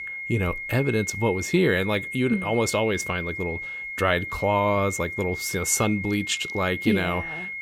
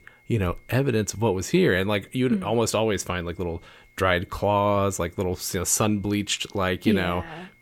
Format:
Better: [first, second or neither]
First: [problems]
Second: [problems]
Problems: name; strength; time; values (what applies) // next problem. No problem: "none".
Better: second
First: high-pitched whine; loud; throughout; 2 kHz, 7 dB below the speech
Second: high-pitched whine; faint; throughout; 2 kHz, 35 dB below the speech